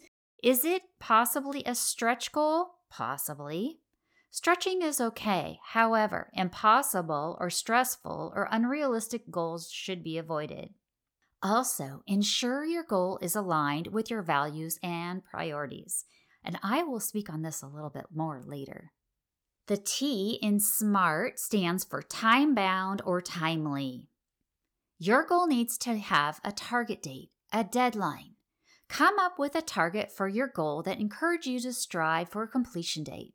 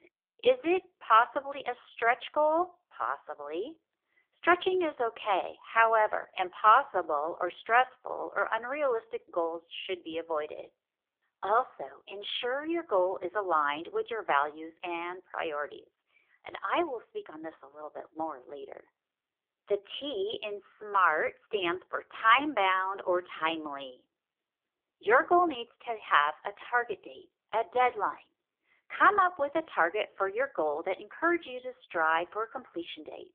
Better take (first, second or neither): first